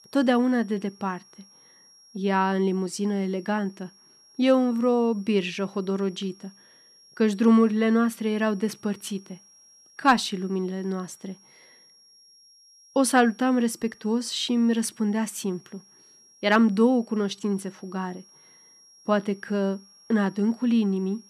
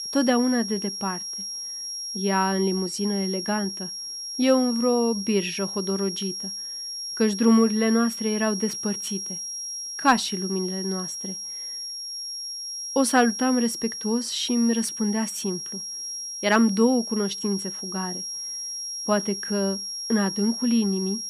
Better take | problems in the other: first | high-pitched whine; loud; throughout; 5.5 kHz, 6 dB below the speech; faint in the first

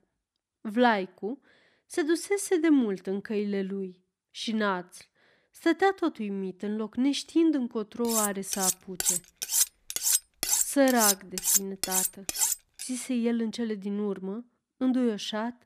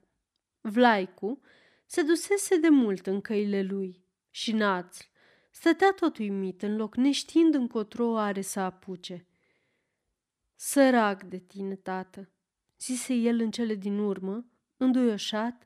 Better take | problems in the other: second | clattering dishes; loud; from 8 to 13 s; peak 5 dB above the speech

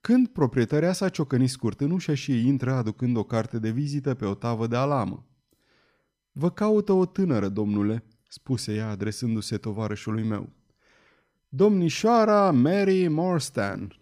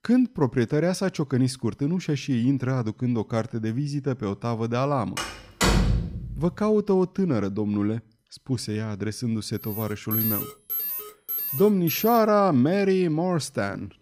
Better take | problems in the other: first | door banging; loud; from 5 to 6.5 s; peak 4 dB above the speech // alarm; loud; from 9.5 to 12 s; peak level with the speech

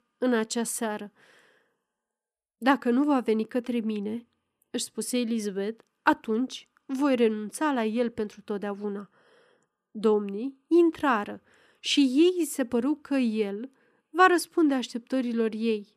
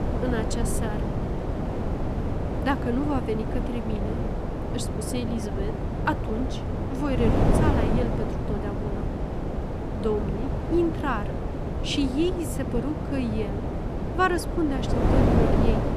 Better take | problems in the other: first | wind noise on the microphone; heavy; 2 dB below the speech

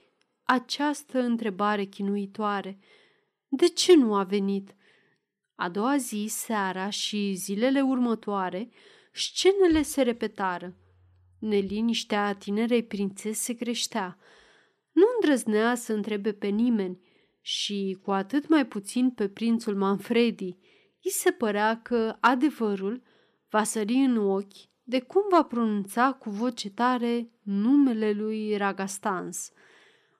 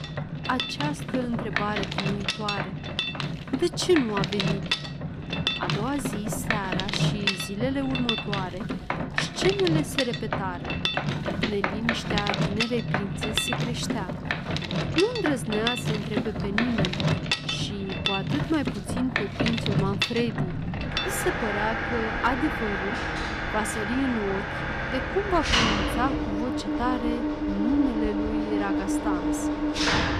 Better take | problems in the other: first | machinery noise; very loud; throughout; 2 dB above the speech

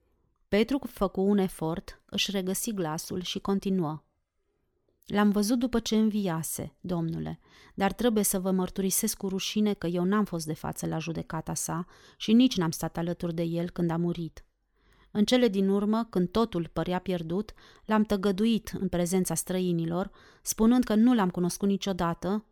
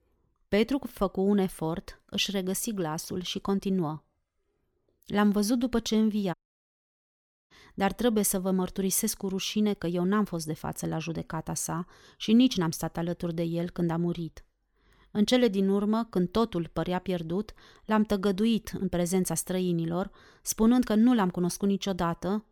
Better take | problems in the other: first | audio cutting out; at 6.5 s for 1 s

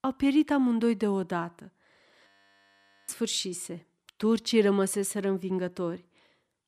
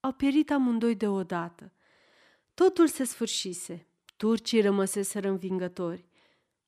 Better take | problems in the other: second | audio freezing; at 2.5 s for 1 s

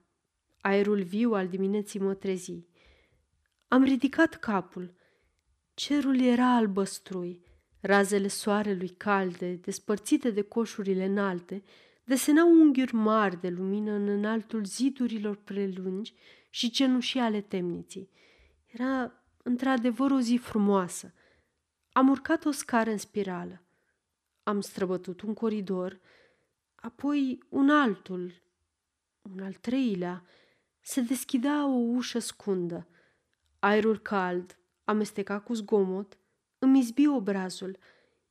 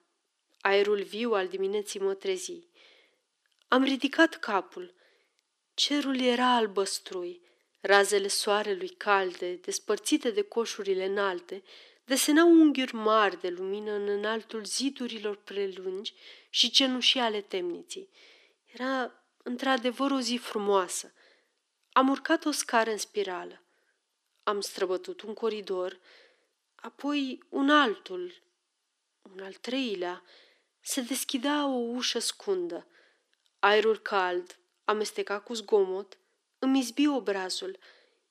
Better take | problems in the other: first | thin; somewhat; fading below 300 Hz

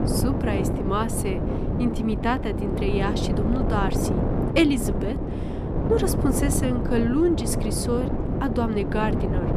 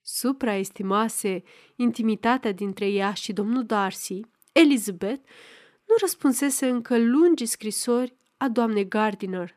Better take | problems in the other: second | wind noise on the microphone; heavy; 3 dB below the speech

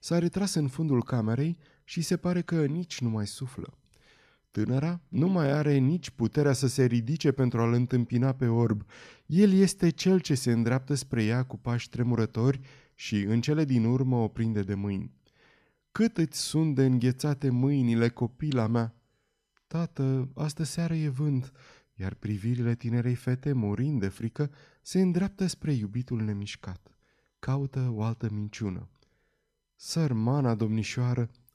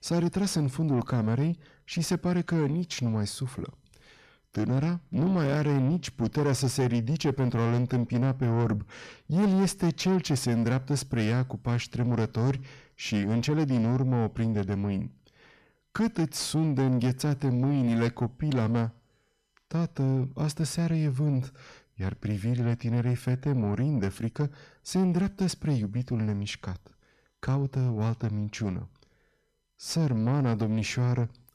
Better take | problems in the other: first | distortion; slight; 10 dB below the speech

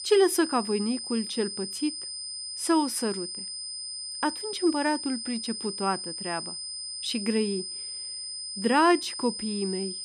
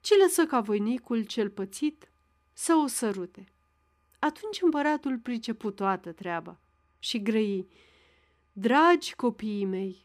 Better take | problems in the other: second | high-pitched whine; loud; throughout; 5 kHz, 6 dB below the speech

